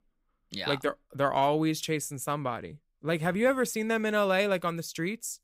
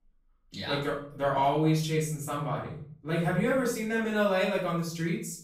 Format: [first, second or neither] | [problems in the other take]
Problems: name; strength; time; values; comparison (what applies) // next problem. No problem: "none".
first | off-mic speech; far // room echo; noticeable; dies away in 0.5 s